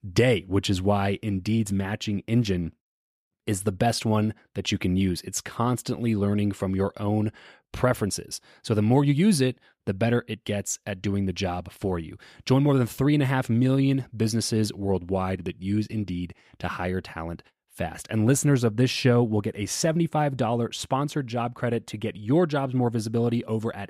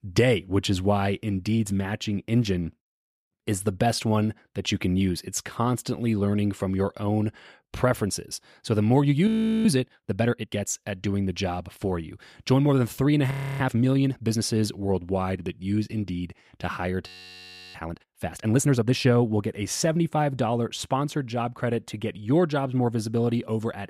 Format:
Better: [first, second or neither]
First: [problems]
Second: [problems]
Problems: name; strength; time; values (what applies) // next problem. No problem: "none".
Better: first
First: none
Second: audio freezing; at 9.5 s, at 13 s and at 17 s for 0.5 s